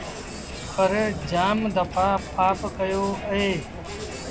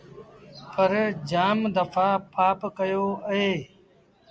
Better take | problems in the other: second | background sound (Crowd); 9 dB below the speech

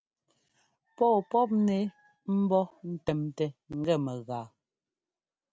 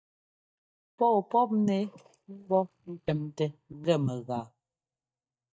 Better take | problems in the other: first | noise reduction (neural mask model DeepFilterNet 3)

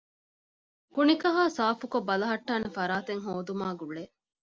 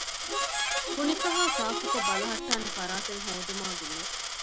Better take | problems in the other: first | background sound (Harmonica + Coin (dropping)); 5 dB above the speech

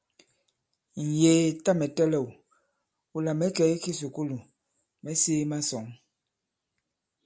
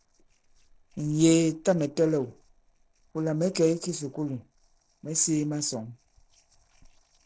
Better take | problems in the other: first | noise reduction (neural separator model SepFormer DNS4)

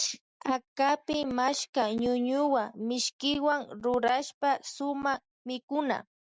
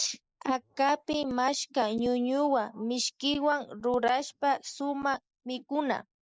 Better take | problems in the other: first | noise reduction (neural mask model Resemble Enhance denoiser)

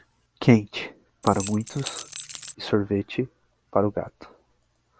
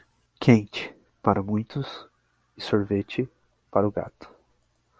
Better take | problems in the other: second | background sound (Rattle / Keys jangling); 11 dB below the speech

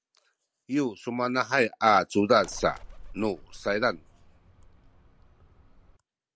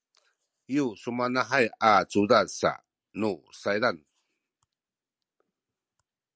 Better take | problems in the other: second | background sound (Bird); 18 dB below the speech

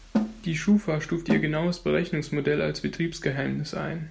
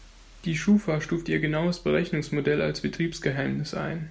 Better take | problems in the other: second | background sound (Snare drum); 2 dB below the speech

